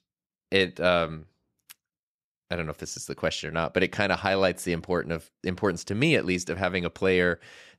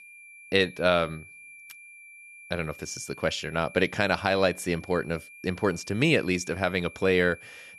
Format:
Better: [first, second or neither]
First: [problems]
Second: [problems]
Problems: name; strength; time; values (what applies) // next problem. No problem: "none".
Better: first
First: none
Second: high-pitched whine; noticeable; throughout; 2.5 kHz, 20 dB below the speech